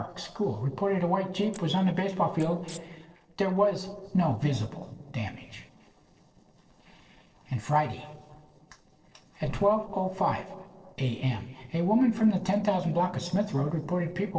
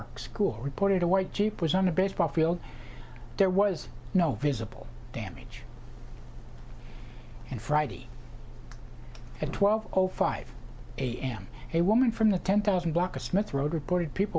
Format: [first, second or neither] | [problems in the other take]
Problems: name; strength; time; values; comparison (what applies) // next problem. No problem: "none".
second | noise reduction (neural separator model SepFormer DNS4)